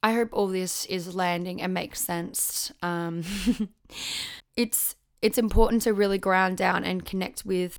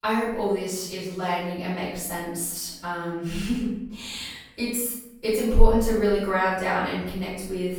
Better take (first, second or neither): first